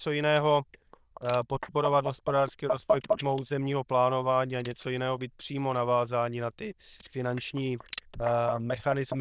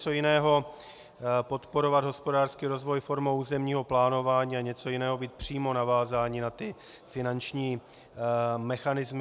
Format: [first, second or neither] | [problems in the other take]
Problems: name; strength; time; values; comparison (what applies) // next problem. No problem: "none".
second | noise reduction (neural diffusion model UNIVERSE++)